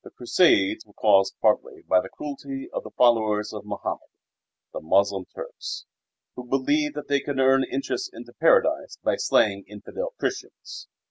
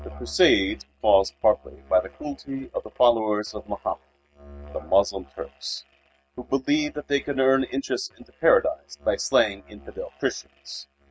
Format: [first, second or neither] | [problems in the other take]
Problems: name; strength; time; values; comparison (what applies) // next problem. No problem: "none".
first | noise reduction (neural mask model RNNoise)